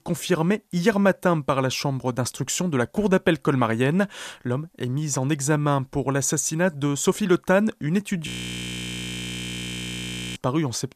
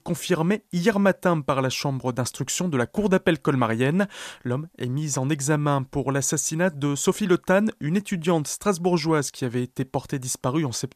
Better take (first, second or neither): second